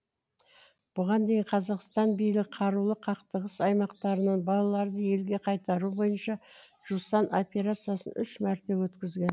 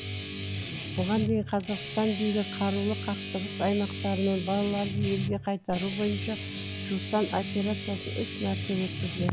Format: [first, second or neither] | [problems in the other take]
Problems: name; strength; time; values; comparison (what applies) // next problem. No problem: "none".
first | background sound (Guitar); 5 dB below the speech